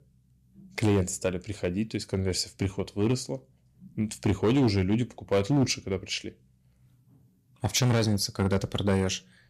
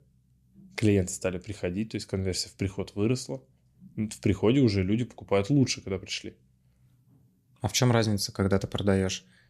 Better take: second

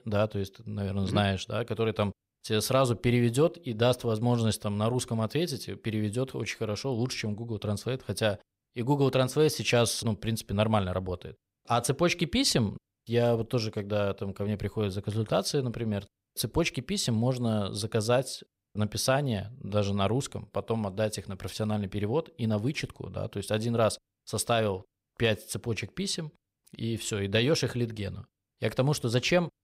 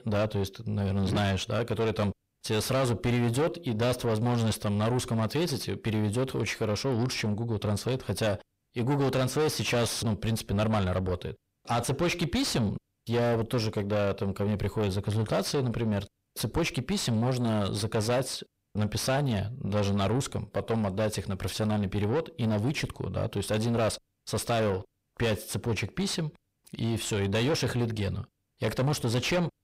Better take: first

